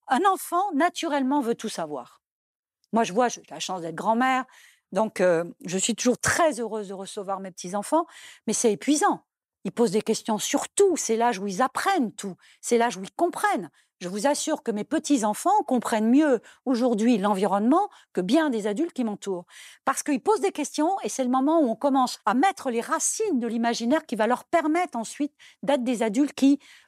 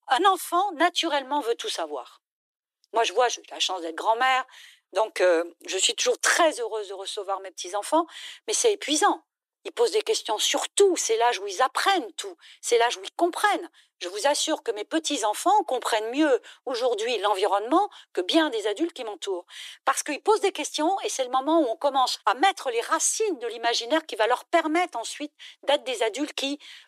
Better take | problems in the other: first | thin; very; fading below 300 Hz

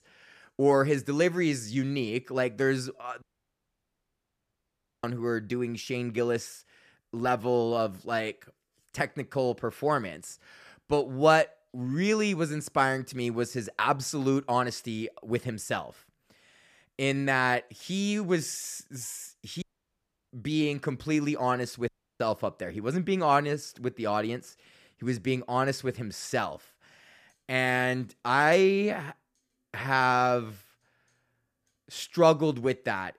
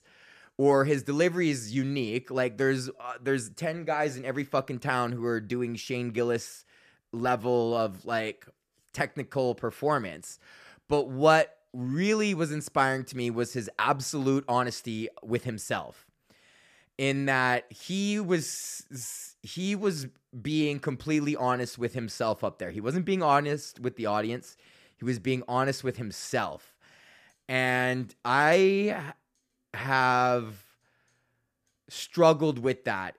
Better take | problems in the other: second | audio cutting out; at 3 s for 2 s, at 20 s for 0.5 s and at 22 s

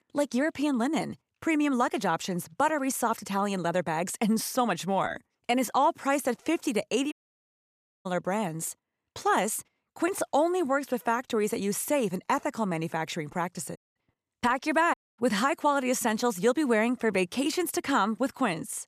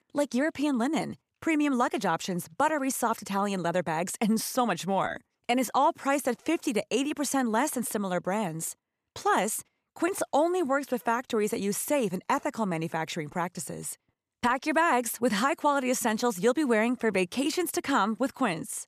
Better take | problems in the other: second | audio cutting out; at 7 s for 1 s, at 14 s and at 15 s

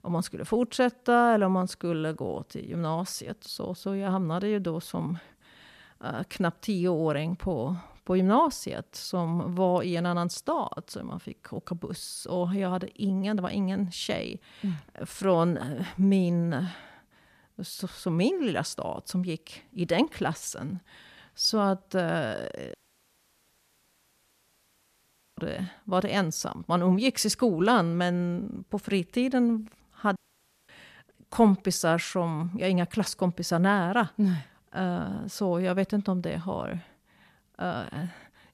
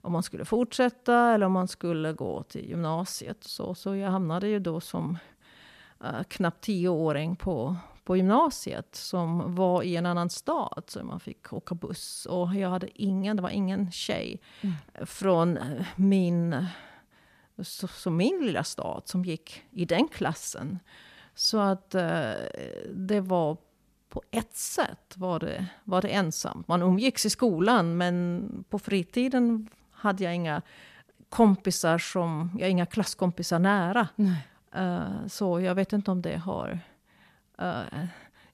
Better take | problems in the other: second | audio cutting out; at 23 s for 2.5 s and at 30 s for 0.5 s

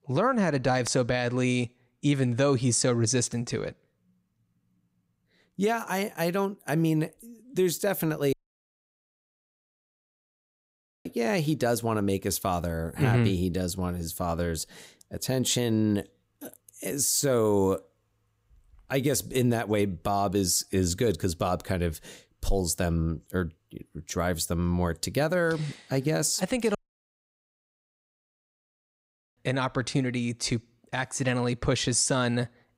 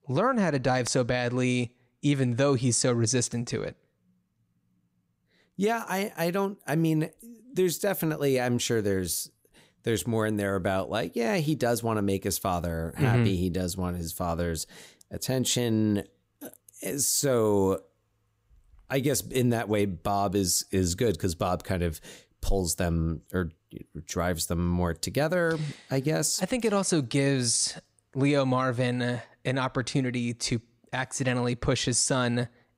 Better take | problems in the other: second | audio cutting out; at 8.5 s for 2.5 s and at 27 s for 2.5 s

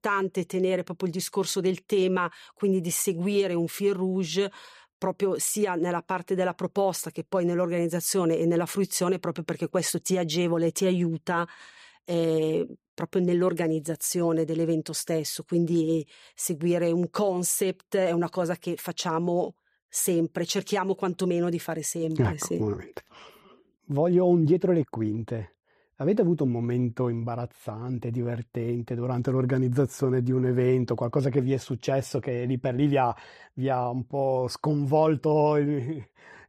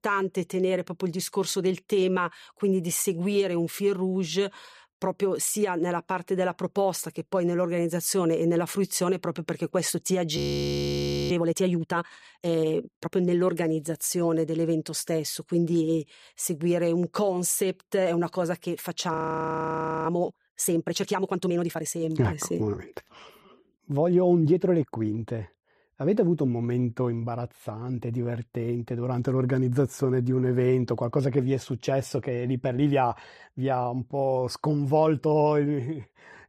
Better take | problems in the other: first | audio freezing; at 10 s for 1 s and at 19 s for 1 s

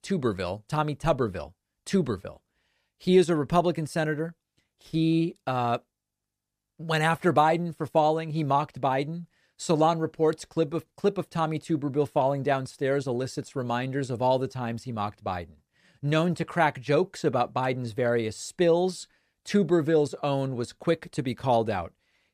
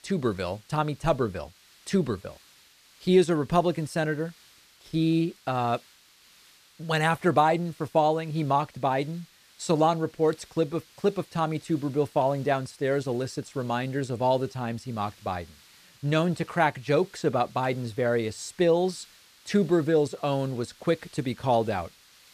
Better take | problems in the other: first | hiss; faint; throughout; 25 dB below the speech

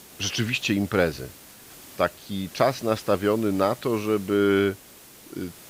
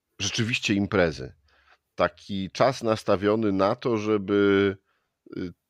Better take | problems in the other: second | hiss; noticeable; throughout; 20 dB below the speech

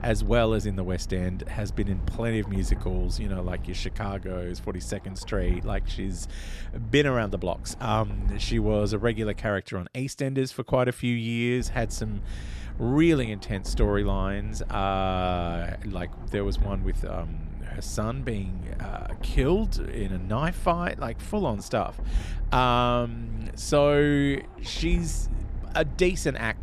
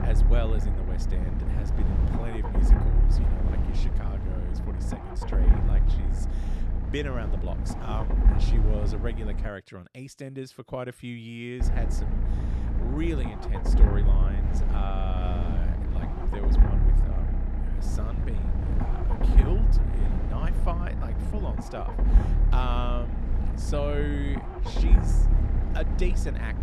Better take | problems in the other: first | low rumble; loud; until 9.5 s and from 12 s on; 2 dB below the speech; faint in the first

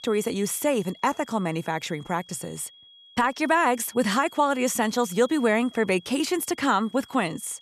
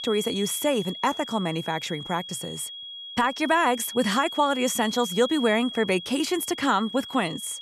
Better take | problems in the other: first | high-pitched whine; loud; throughout; 3.5 kHz, 9 dB below the speech; faint in the first

